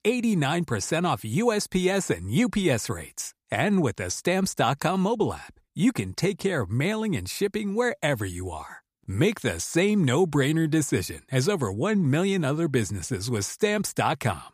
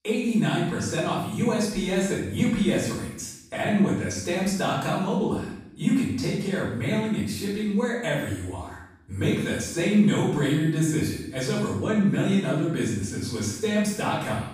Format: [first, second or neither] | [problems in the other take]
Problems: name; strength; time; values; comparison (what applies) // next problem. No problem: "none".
first | off-mic speech; far // room echo; noticeable; dies away in 0.7 s